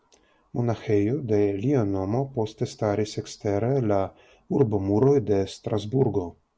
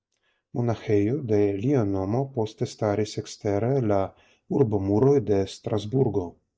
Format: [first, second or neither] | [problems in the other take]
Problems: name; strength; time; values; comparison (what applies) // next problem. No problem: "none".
first | noise reduction (neural mask model DeepFilterNet 3)